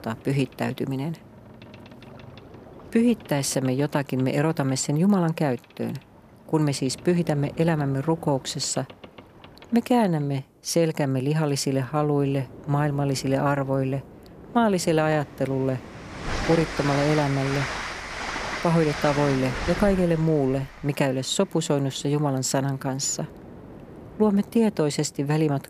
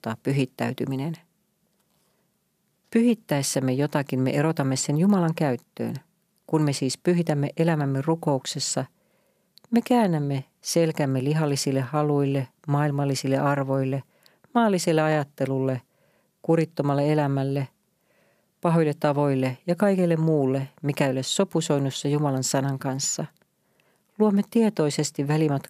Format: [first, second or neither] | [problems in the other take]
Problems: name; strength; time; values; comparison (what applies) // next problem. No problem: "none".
second | train or aircraft noise; noticeable; throughout; 10 dB below the speech